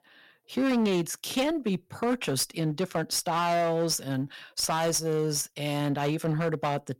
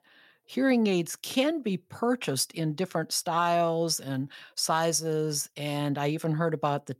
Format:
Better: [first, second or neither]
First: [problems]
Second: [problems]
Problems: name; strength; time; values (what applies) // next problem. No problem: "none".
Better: second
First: distortion; slight; 11% of the sound clipped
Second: none